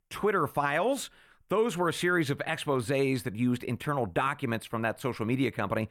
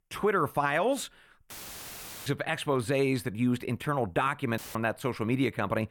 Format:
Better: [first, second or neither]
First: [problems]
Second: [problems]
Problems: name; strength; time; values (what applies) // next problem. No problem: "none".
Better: first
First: none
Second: audio cutting out; filled with static; at 1.5 s for 1 s and at 4.5 s